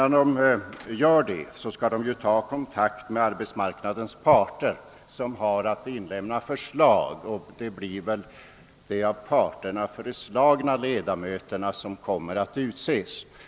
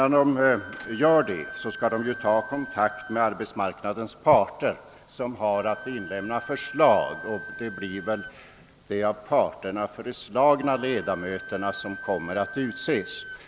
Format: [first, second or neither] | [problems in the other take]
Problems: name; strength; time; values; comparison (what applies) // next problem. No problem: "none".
first | background sound (Wind instrument, woodwind instrument); 15 dB below the speech